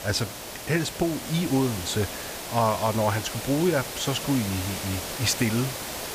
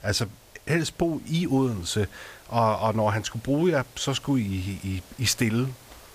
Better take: second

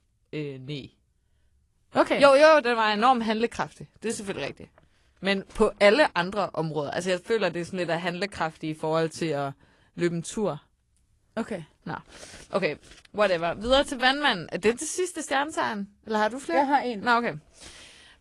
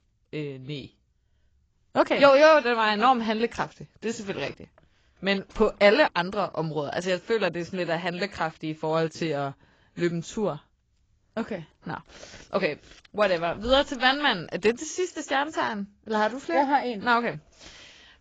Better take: first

